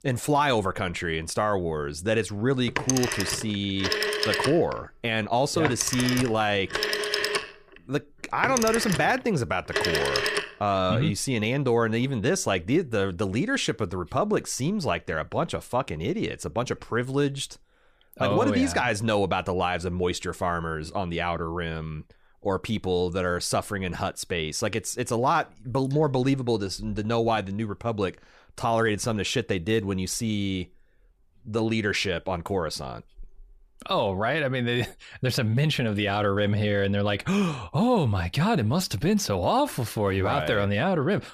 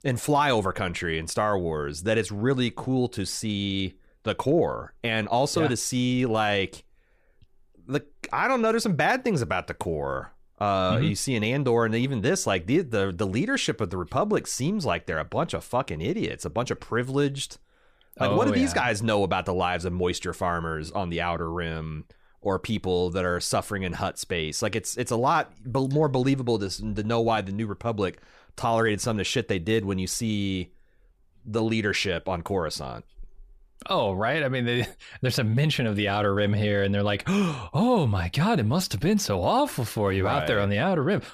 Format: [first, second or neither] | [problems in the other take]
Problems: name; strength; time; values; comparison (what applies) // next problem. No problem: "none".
second | phone ringing; loud; from 2.5 to 10 s; peak 2 dB above the speech